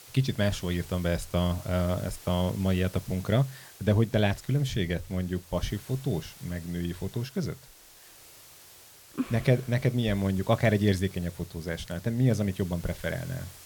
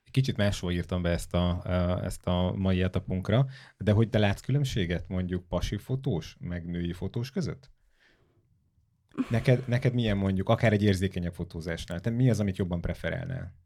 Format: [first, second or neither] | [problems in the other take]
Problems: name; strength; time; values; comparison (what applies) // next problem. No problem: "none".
second | hiss; noticeable; throughout; 20 dB below the speech